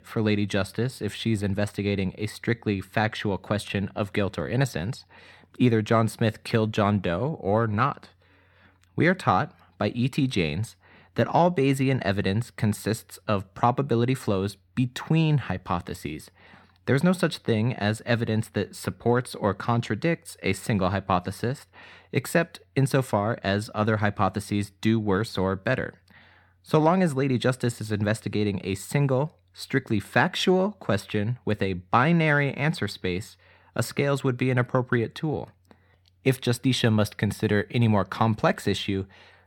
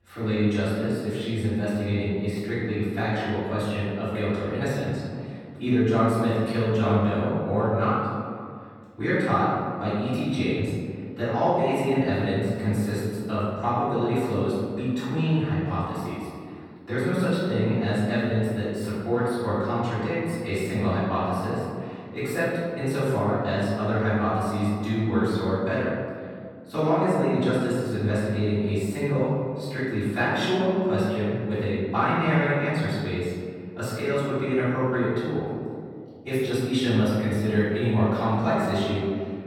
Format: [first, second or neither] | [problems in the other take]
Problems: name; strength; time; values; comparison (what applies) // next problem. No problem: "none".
first | room echo; strong; dies away in 2.1 s // off-mic speech; far